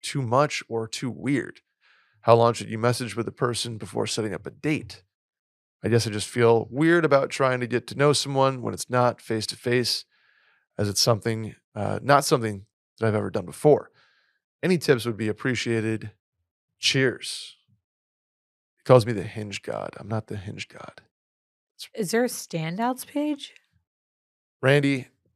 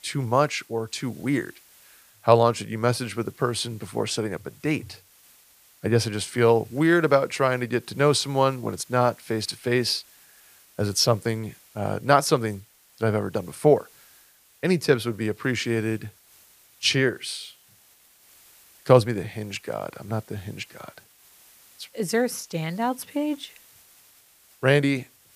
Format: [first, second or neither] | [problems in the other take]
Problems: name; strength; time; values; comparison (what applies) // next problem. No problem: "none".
first | hiss; faint; throughout; 30 dB below the speech